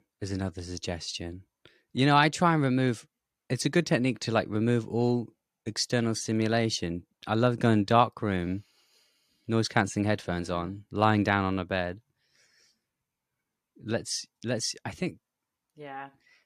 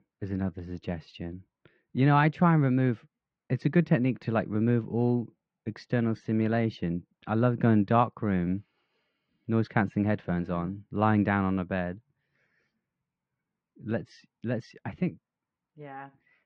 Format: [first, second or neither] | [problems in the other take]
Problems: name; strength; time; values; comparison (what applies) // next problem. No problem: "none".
first | muffled; very; fading above 2.5 kHz